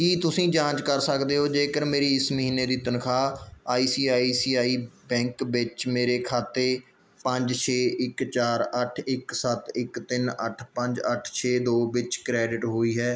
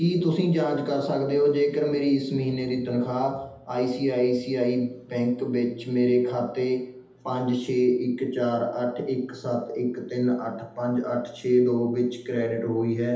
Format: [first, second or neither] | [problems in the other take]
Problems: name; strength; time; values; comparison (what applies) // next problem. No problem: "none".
first | room echo; dies away in 0.8 s